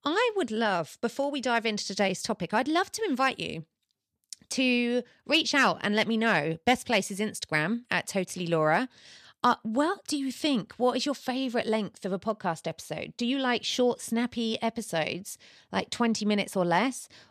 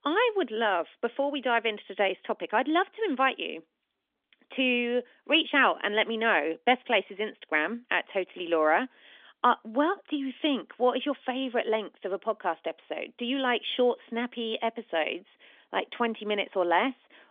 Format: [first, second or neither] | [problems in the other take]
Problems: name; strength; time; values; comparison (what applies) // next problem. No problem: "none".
first | phone-call audio; nothing above 3.5 kHz